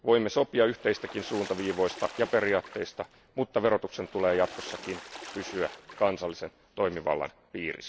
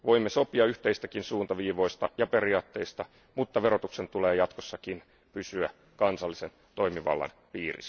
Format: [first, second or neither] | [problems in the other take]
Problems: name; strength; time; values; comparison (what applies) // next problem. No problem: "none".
second | background sound (Water / Splash, splatter); 16 dB below the speech